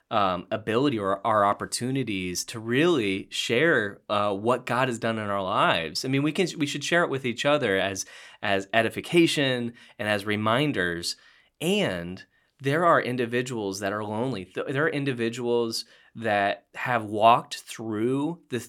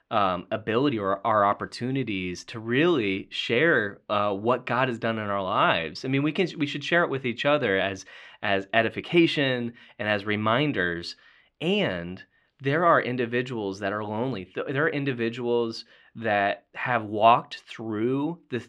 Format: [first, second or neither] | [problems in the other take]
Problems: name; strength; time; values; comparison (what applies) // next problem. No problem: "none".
first | muffled; slightly; fading above 3 kHz